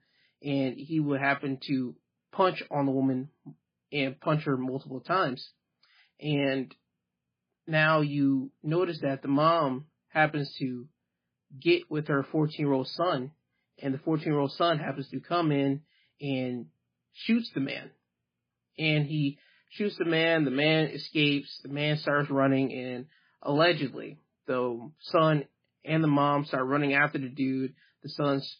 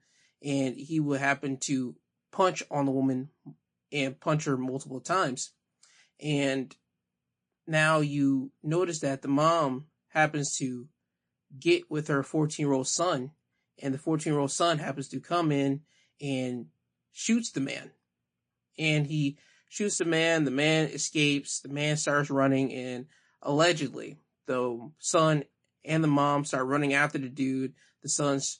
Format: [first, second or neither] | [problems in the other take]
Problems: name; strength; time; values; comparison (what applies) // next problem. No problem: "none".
second | garbled, watery; badly; slightly in the second